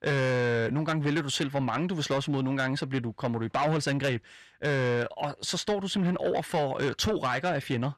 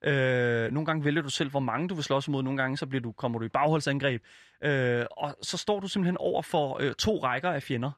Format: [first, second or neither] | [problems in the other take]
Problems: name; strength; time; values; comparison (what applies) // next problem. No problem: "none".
second | distortion; slight; 10 dB below the speech